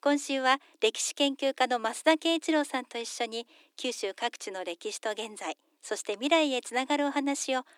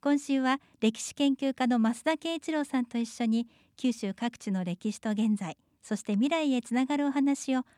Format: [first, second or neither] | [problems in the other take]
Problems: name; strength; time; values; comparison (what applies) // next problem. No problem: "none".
second | thin; somewhat; fading below 300 Hz